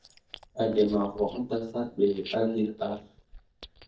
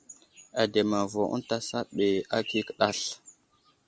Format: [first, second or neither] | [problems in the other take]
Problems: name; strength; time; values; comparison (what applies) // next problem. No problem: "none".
second | noise reduction (neural mask model DeepFilterNet 3)